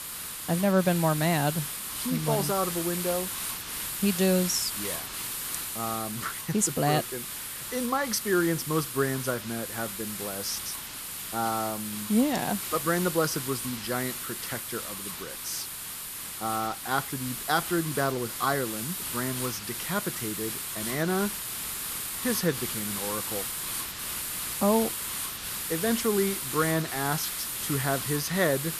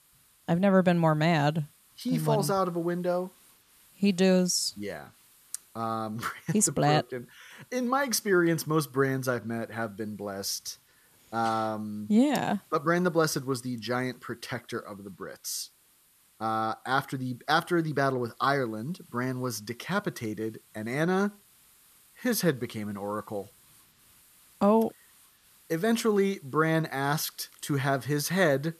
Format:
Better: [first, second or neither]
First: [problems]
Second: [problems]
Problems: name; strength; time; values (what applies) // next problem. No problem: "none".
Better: second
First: hiss; loud; throughout; 3 dB below the speech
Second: hiss; faint; throughout; 30 dB below the speech